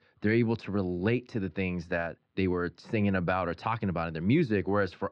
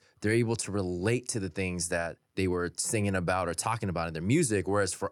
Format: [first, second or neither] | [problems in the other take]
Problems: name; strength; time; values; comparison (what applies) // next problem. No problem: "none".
second | muffled; very; fading above 4 kHz